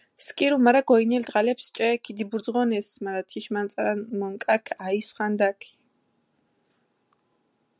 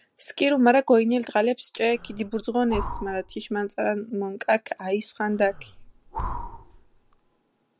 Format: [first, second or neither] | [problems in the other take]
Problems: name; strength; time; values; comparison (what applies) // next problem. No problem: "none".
first | background sound (Breathing); 11 dB below the speech